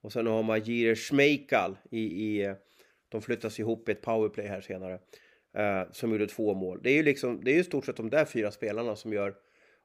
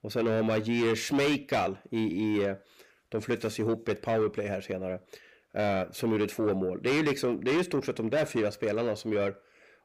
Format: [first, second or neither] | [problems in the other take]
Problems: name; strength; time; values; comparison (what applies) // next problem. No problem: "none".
first | distortion; heavy; 7 dB below the speech